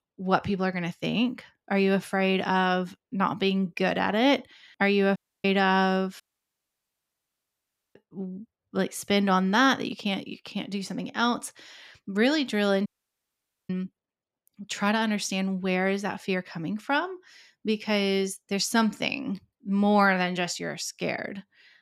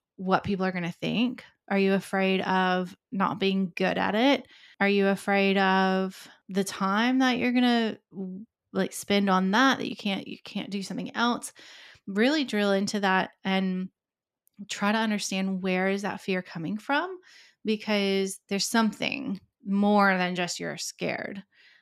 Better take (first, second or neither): second